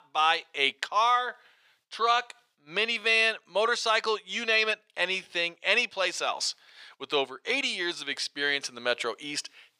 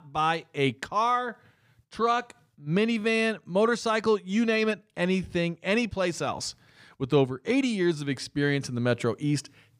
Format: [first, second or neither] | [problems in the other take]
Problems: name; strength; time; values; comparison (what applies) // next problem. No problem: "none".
second | thin; very; fading below 650 Hz